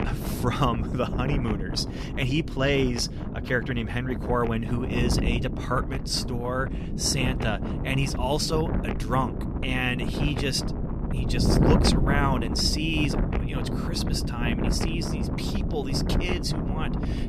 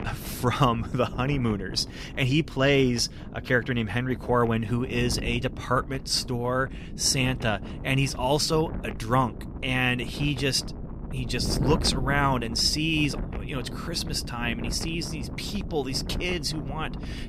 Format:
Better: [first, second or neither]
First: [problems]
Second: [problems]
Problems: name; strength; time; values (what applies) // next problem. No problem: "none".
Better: second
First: wind noise on the microphone; heavy; 6 dB below the speech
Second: wind noise on the microphone; occasional gusts; 15 dB below the speech